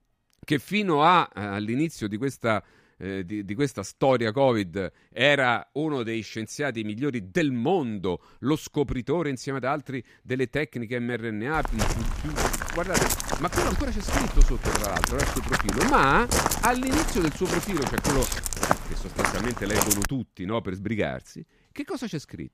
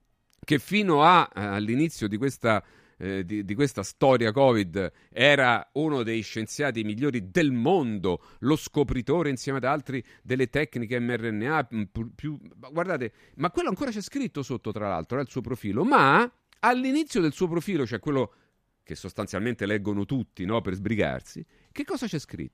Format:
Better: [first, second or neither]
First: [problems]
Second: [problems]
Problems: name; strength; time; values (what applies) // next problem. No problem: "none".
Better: second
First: footsteps; loud; from 12 to 20 s; peak 4 dB above the speech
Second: none